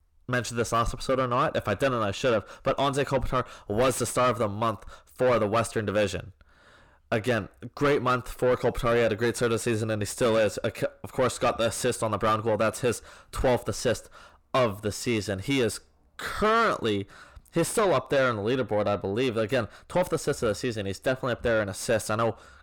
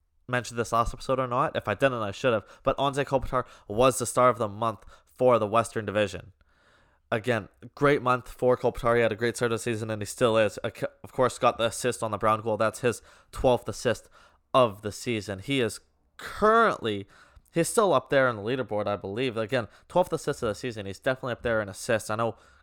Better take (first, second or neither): second